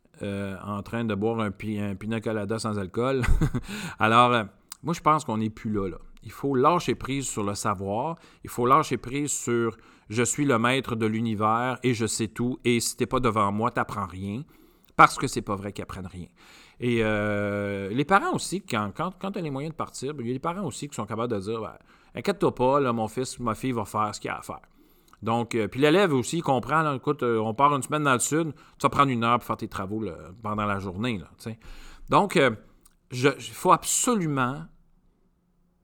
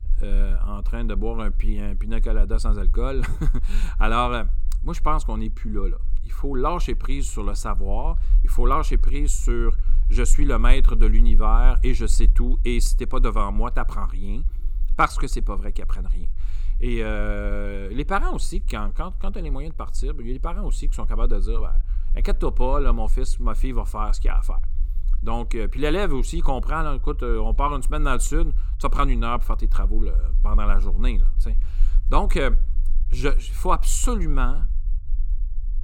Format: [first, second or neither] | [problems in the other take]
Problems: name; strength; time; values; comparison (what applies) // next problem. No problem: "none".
first | low rumble; faint; throughout; 25 dB below the speech